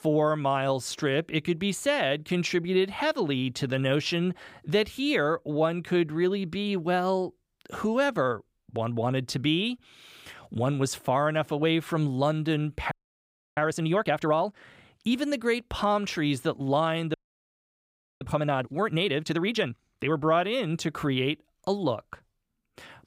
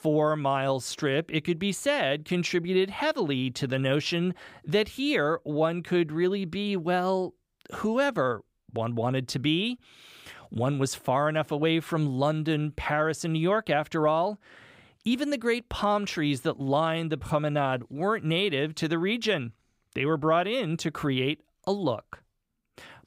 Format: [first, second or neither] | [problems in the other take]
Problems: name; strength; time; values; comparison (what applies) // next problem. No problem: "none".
second | audio freezing; at 13 s for 0.5 s and at 17 s for 1 s